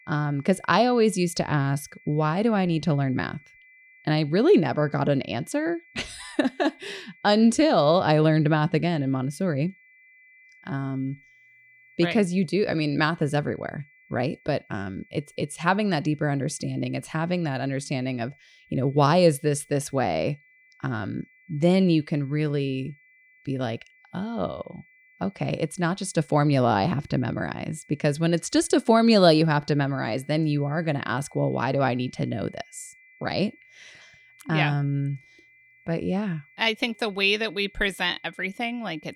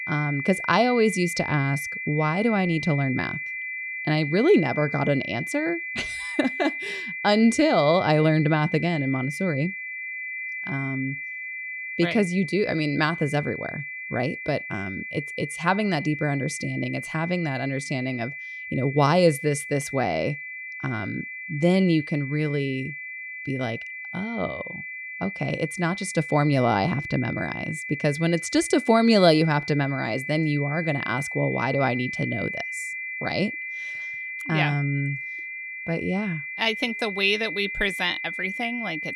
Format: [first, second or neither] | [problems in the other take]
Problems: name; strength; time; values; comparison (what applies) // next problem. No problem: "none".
first | high-pitched whine; loud; throughout; 2 kHz, 7 dB below the speech; faint in the first